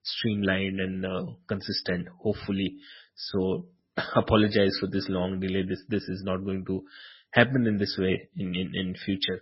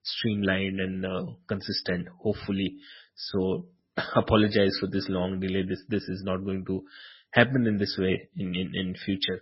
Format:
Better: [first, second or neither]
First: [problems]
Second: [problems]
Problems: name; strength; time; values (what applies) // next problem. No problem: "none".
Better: neither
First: garbled, watery; badly; nothing above 5.5 kHz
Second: garbled, watery; badly; nothing above 5.5 kHz